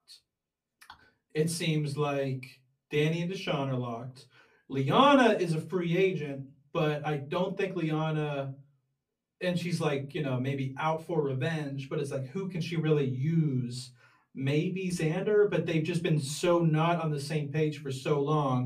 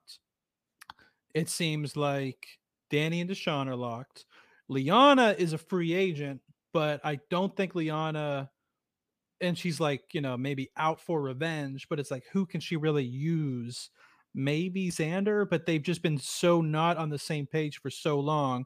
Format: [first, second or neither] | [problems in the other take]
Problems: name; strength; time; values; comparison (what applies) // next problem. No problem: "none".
second | off-mic speech; far // room echo; very slight; dies away in 0.3 s